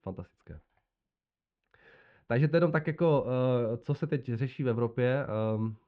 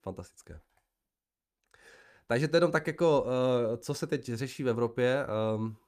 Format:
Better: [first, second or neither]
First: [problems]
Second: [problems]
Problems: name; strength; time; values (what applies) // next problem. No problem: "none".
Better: second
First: muffled; slightly; fading above 3 kHz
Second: none